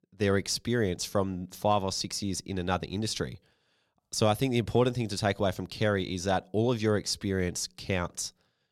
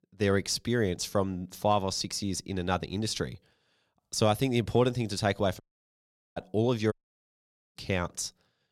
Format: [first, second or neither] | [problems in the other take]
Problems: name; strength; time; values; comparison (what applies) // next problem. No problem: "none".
first | audio cutting out; at 5.5 s for 1 s and at 7 s for 1 s